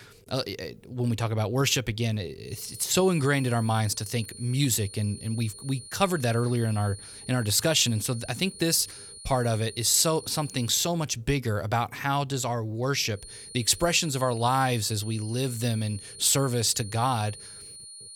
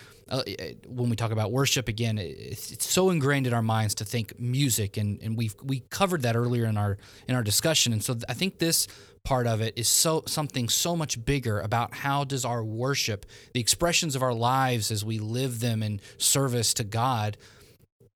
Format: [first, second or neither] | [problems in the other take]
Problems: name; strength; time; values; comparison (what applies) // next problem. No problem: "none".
second | high-pitched whine; noticeable; from 2.5 to 11 s and from 13 s on; 9 kHz, 15 dB below the speech